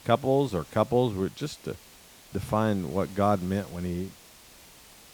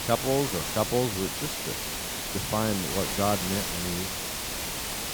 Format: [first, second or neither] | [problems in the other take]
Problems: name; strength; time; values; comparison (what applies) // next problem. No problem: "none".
first | hiss; loud; throughout; as loud as the speech; faint in the first